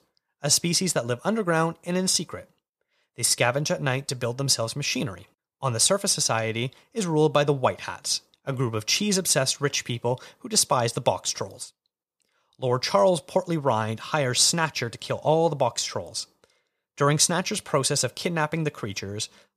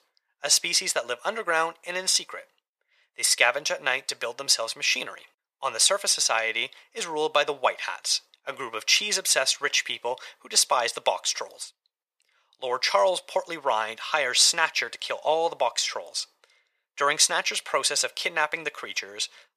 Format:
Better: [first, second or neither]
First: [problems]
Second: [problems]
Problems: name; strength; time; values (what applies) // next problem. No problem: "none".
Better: first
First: none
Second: thin; very; fading below 650 Hz